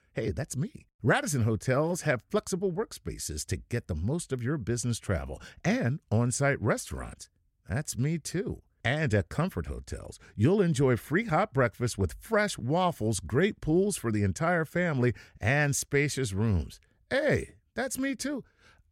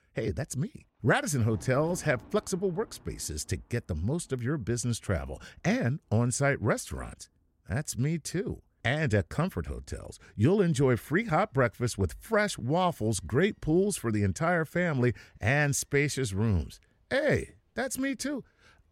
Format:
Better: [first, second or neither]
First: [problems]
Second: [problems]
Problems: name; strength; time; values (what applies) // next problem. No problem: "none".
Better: first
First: none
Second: rain or running water; faint; throughout; 25 dB below the speech